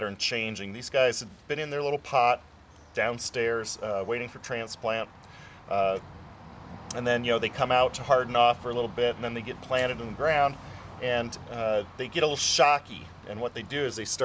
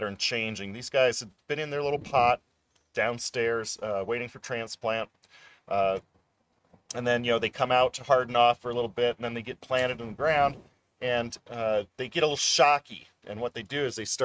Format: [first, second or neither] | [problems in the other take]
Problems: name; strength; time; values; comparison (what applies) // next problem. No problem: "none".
first | noise reduction (neural mask model RNNoise)